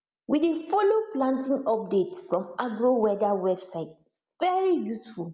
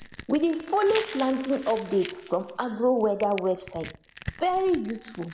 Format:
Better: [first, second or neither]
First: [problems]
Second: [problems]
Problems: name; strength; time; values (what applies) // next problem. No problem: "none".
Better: first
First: none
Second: background sound (Crumpling, crinkling + Crushing); 15 dB below the speech